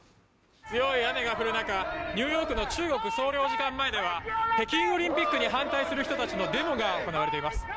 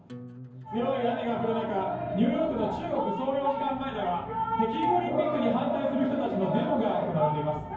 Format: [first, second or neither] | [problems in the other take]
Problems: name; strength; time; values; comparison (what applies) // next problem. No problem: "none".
first | background sound (Acoustic guitar); 19 dB below the speech // room echo; dies away in 0.9 s